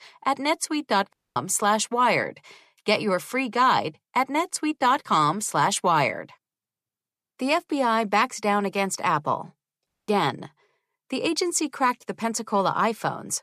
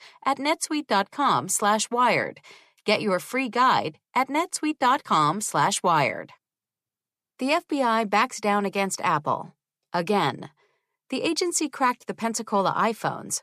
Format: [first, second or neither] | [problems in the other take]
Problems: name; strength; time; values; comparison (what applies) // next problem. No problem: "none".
second | audio cutting out; at 1 s and at 10 s